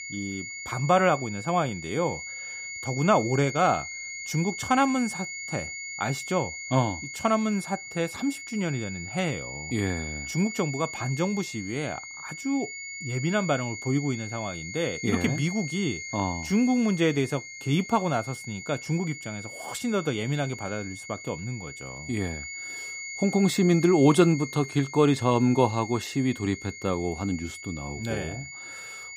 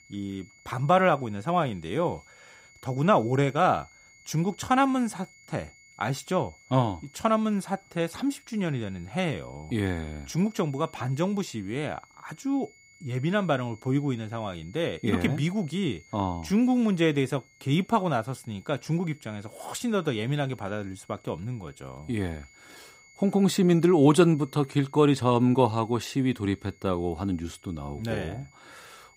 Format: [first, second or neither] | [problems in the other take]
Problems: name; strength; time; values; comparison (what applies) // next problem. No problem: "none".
second | high-pitched whine; loud; throughout; 2 kHz, 9 dB below the speech; faint in the second